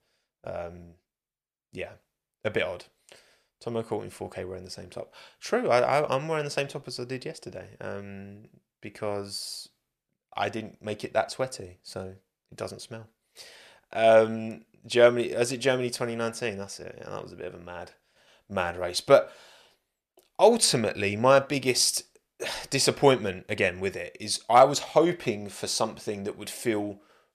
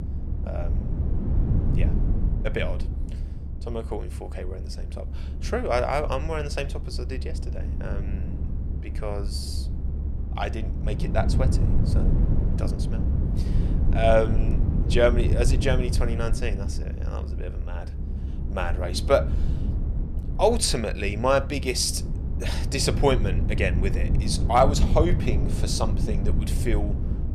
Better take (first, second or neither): first